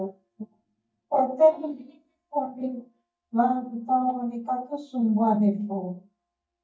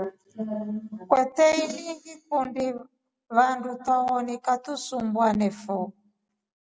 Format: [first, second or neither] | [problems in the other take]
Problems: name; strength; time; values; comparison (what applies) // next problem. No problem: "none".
second | noise reduction (neural mask model DeepFilterNet 3)